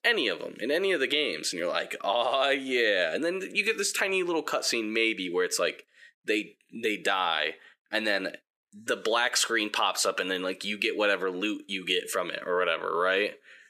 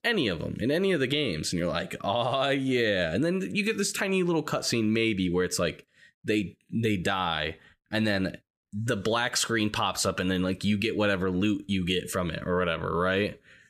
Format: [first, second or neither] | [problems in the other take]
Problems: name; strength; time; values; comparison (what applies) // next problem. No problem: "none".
second | thin; somewhat; fading below 350 Hz